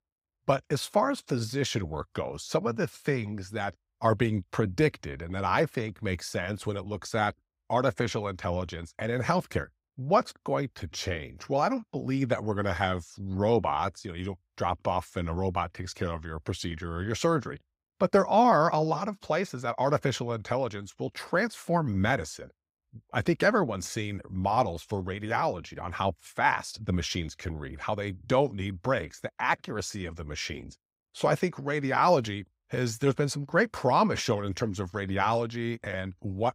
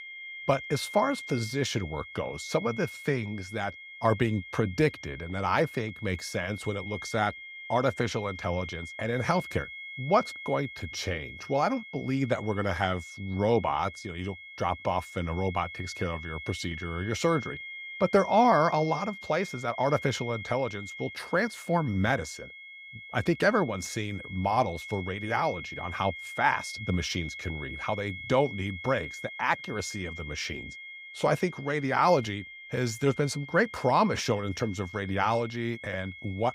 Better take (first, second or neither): first